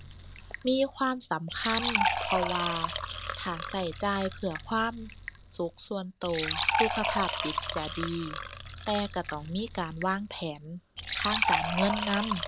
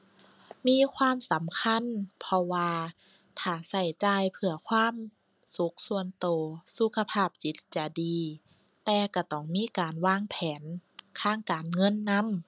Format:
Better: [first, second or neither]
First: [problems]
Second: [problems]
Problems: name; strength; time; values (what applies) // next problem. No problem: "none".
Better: second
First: background sound (Fill (with liquid) / Trickle, dribble); 1 dB below the speech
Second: none